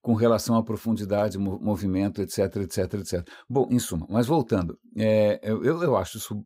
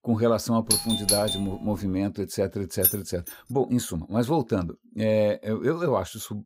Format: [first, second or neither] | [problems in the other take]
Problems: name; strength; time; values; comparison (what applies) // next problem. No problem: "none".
first | doorbell; loud; at 0.5 s; peak 3 dB above the speech // jangling keys; loud; at 3 s; peak 4 dB above the speech